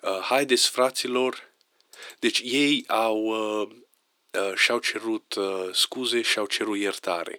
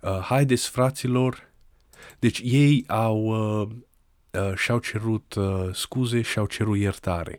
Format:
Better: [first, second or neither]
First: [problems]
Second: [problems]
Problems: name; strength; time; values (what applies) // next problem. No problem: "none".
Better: second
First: thin; somewhat; fading below 350 Hz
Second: none